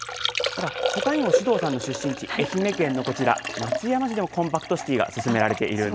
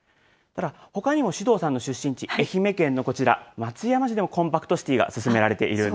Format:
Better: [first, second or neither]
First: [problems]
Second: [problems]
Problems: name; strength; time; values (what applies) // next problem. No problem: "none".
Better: second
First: background sound (Liquid); 4 dB below the speech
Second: none